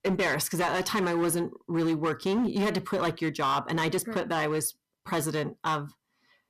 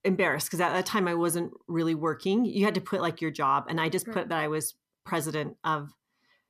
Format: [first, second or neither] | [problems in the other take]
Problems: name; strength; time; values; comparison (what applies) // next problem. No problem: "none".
second | distortion; slight; 13% of the sound clipped